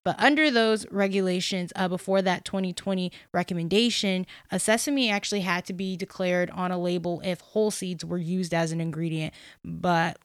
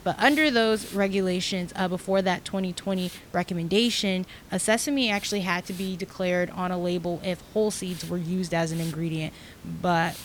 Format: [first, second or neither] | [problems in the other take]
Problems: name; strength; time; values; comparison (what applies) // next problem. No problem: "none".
first | hiss; noticeable; throughout; 20 dB below the speech